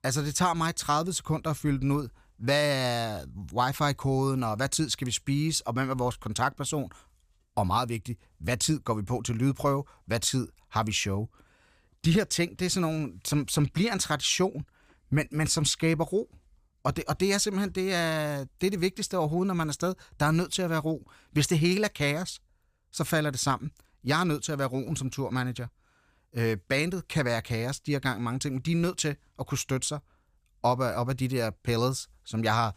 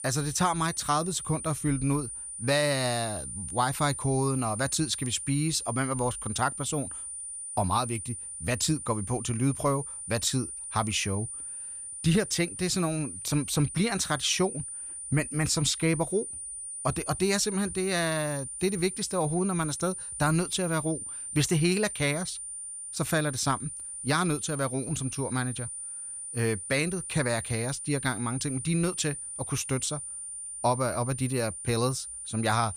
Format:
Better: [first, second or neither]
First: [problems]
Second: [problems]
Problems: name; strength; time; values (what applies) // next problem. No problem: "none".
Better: first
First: none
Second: high-pitched whine; loud; throughout; 9 kHz, 7 dB below the speech